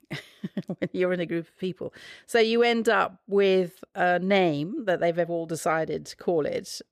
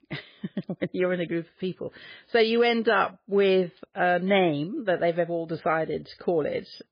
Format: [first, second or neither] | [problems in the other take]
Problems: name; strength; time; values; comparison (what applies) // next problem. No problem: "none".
first | garbled, watery; badly; nothing above 5 kHz